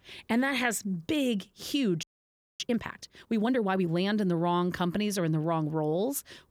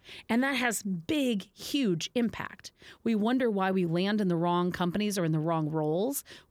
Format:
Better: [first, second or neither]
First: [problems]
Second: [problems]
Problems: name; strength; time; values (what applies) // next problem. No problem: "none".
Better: second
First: audio freezing; at 2 s for 0.5 s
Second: none